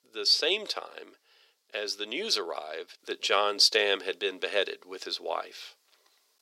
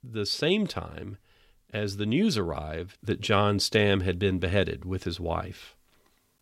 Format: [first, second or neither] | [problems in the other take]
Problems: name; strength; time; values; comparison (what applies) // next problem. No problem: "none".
second | thin; very; fading below 400 Hz